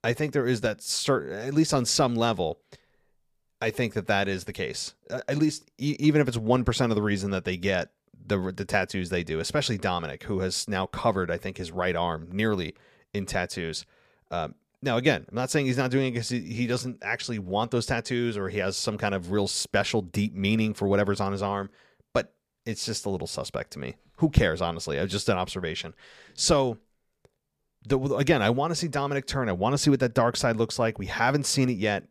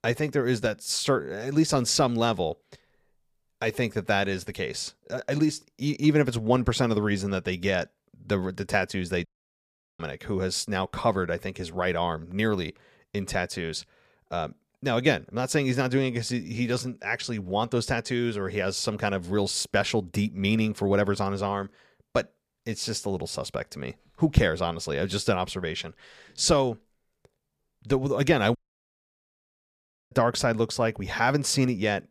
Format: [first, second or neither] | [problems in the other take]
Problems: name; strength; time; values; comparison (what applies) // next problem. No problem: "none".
first | audio cutting out; at 9.5 s for 0.5 s and at 29 s for 1.5 s